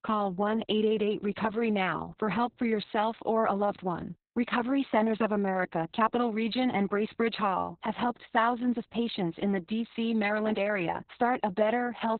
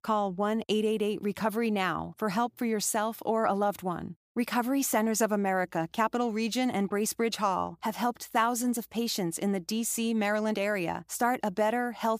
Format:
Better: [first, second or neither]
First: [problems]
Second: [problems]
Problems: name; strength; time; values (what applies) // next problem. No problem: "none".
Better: second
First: garbled, watery; badly; nothing above 4 kHz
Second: none